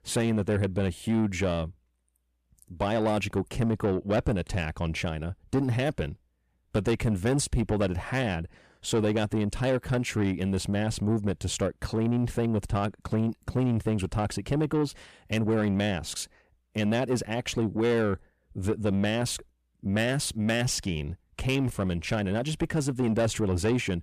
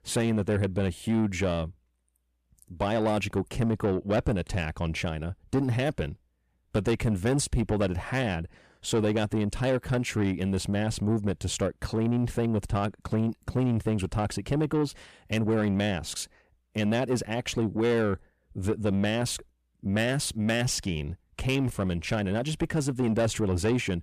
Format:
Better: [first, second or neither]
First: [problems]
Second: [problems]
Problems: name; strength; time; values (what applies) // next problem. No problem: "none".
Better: neither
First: distortion; slight; 10 dB below the speech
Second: distortion; slight; 10 dB below the speech